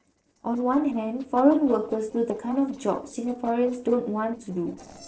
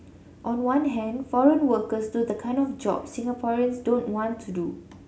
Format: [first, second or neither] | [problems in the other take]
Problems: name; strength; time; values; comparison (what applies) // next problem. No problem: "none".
second | noise reduction (neural separator model SepFormer DNS4)